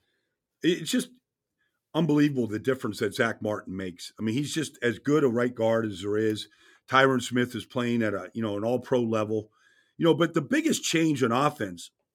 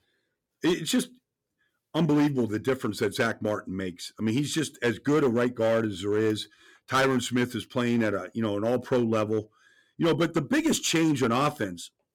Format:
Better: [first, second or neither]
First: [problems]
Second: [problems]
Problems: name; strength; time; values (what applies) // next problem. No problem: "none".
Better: first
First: none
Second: distortion; slight; 7% of the sound clipped